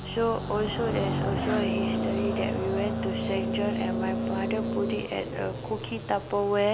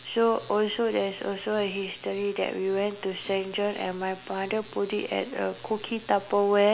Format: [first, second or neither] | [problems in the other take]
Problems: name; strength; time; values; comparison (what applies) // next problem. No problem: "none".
second | background sound (Car passing by); as loud as the speech